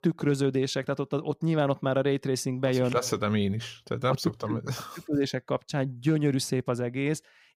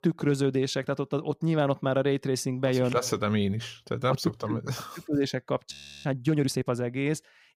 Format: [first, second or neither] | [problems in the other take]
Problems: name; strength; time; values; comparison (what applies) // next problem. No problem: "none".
first | audio freezing; at 5.5 s